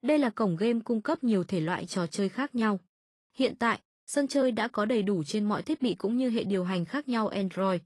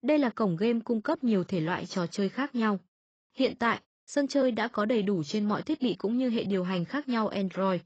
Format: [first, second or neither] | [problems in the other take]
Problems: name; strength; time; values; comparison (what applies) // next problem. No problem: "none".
first | garbled, watery; badly; nothing above 8 kHz; slightly in the first